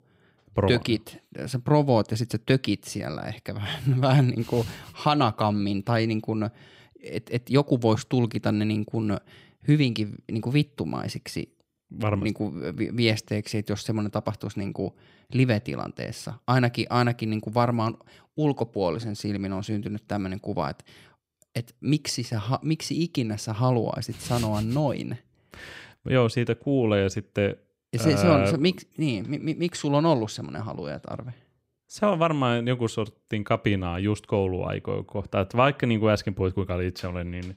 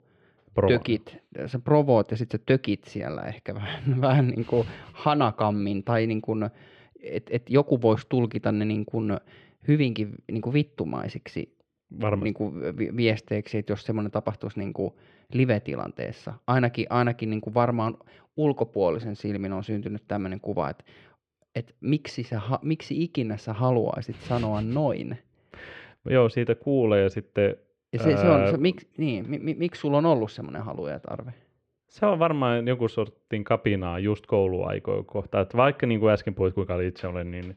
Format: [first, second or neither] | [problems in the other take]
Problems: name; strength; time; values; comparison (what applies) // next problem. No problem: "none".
first | muffled; slightly; fading above 2.5 kHz